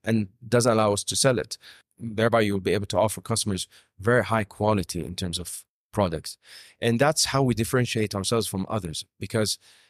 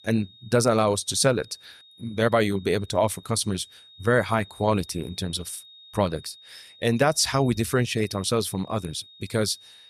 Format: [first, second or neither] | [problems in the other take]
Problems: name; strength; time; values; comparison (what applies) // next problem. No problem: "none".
first | high-pitched whine; faint; throughout; 3.5 kHz, 25 dB below the speech